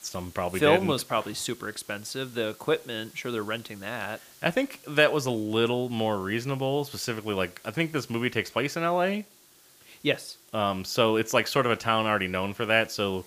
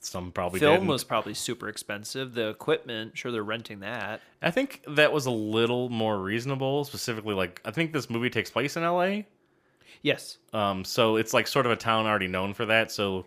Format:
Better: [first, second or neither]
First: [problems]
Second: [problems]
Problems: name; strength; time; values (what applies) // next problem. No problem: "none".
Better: second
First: hiss; faint; throughout; 25 dB below the speech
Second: none